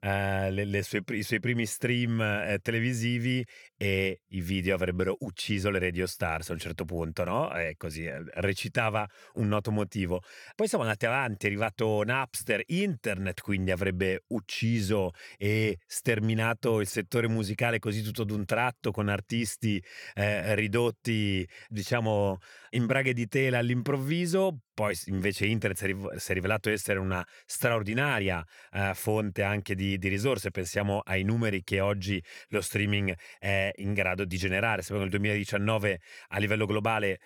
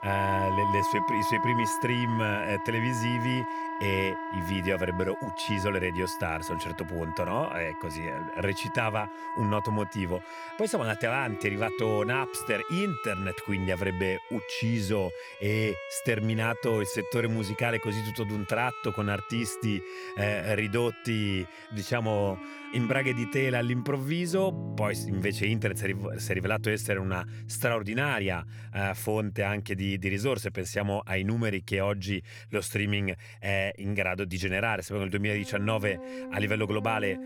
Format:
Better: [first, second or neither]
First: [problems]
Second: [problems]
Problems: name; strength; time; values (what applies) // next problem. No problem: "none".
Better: first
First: none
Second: background music; loud; throughout; 6 dB below the speech